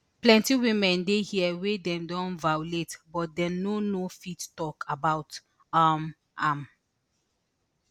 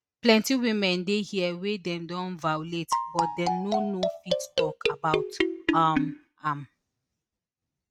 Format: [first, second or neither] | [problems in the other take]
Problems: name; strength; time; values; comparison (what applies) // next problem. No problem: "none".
first | noise reduction (neural mask model RNNoise)